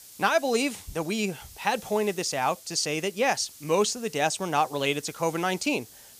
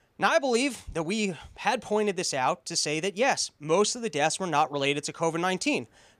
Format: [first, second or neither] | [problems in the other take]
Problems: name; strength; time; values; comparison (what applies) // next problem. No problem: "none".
second | hiss; noticeable; throughout; 20 dB below the speech